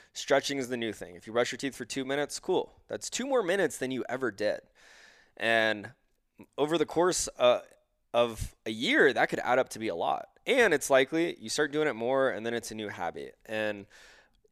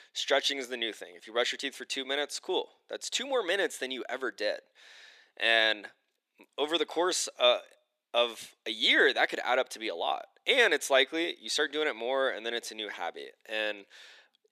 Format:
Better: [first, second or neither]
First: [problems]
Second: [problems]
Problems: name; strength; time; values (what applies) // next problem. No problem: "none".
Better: first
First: none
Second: thin; very slightly; fading below 300 Hz